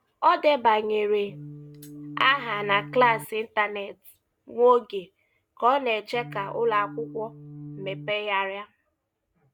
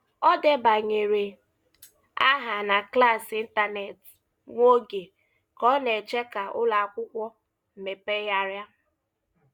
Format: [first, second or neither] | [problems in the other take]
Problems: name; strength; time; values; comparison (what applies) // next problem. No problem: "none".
second | background sound (Organ); 14 dB below the speech